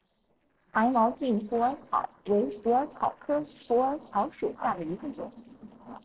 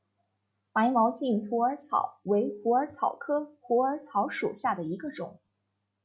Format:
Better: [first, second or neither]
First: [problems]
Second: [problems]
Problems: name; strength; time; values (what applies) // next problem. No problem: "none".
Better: second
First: noise reduction (neural separator model SepFormer DNS4)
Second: none